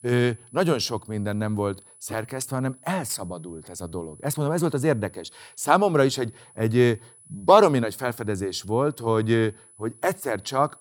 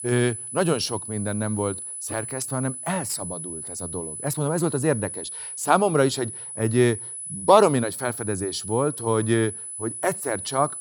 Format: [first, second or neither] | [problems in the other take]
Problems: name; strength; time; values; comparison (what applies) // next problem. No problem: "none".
first | high-pitched whine; loud; throughout; 10 kHz, 8 dB below the speech; faint in the first